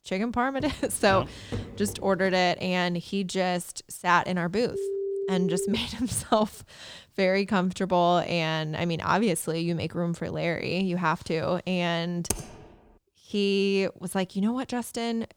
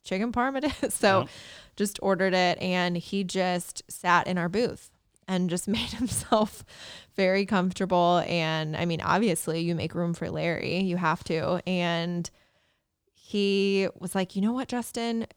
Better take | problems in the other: second | footsteps; noticeable; from 0.5 to 2.5 s; peak 10 dB below the speech // phone ringing; noticeable; from 4.5 to 6 s; peak 4 dB below the speech // keyboard typing; noticeable; at 12 s; peak 5 dB below the speech

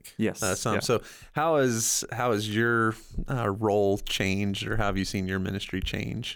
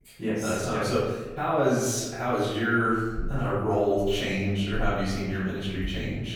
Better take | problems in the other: first | off-mic speech; far // room echo; strong; dies away in 1.1 s

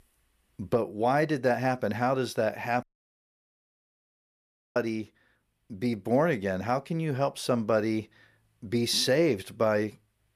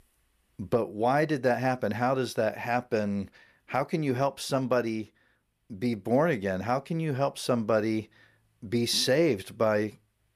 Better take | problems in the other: second | audio cutting out; at 3 s for 2 s

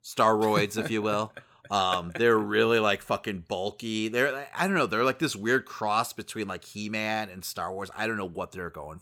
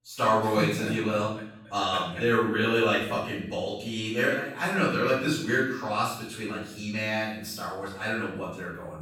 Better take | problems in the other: first | room echo; noticeable; dies away in 0.6 s // off-mic speech; far

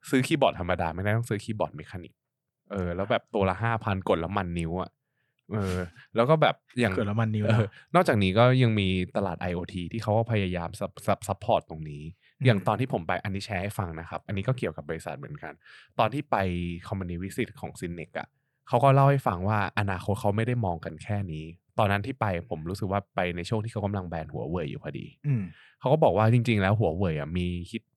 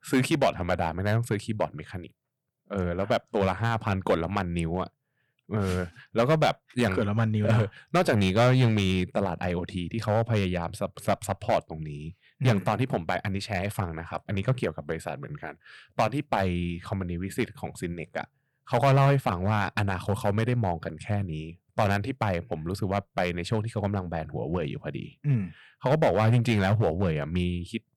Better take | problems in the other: first | distortion; slight; 3% of the sound clipped

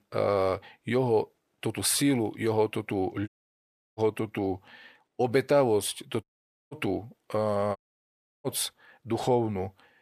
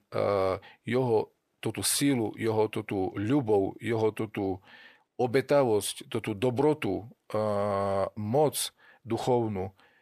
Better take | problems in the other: second | audio cutting out; at 3.5 s for 0.5 s, at 6 s and at 8 s for 0.5 s

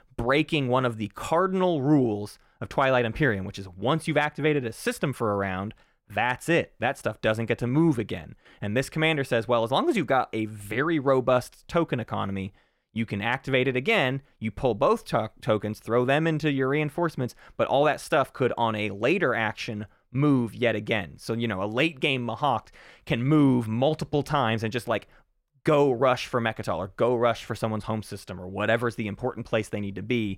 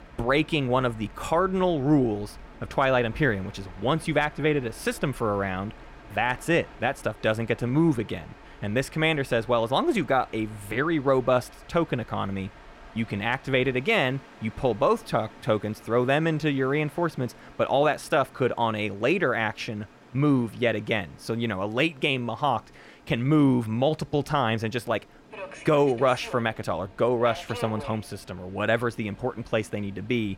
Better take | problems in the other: first | train or aircraft noise; faint; throughout; 20 dB below the speech

